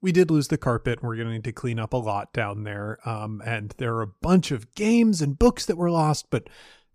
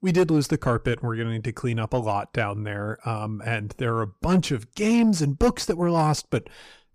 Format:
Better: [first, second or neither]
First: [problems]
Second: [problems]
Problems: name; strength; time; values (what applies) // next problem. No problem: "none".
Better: first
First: none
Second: distortion; slight; 10 dB below the speech